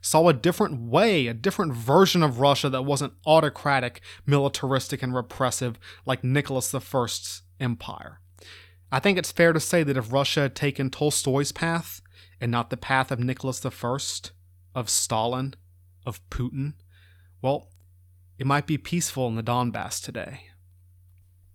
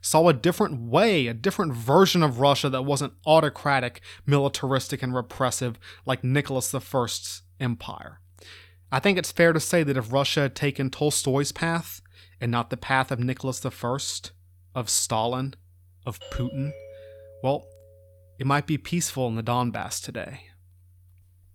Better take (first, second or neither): first